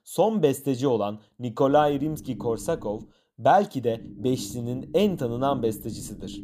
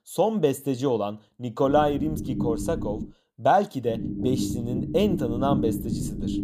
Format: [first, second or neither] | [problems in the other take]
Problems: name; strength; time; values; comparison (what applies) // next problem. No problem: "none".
first | low rumble; loud; from 1.5 to 3 s and from 4 s on; 10 dB below the speech; faint in the first